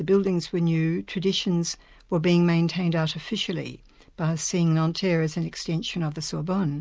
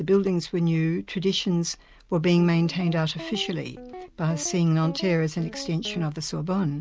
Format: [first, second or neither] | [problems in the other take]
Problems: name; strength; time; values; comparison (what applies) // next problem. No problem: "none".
first | background sound (Guitar); 16 dB below the speech